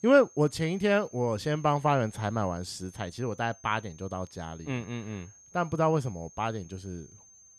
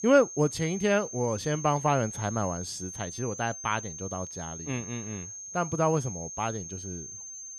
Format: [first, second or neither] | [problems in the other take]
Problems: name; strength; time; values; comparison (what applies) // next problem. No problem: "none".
first | high-pitched whine; loud; throughout; 6.5 kHz, 9 dB below the speech; faint in the first